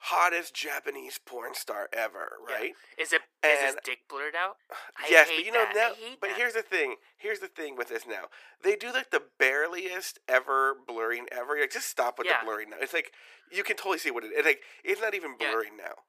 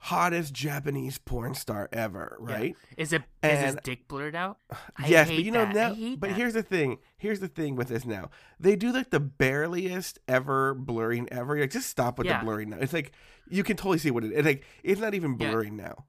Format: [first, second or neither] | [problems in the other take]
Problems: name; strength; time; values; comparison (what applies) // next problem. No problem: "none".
second | thin; very; fading below 400 Hz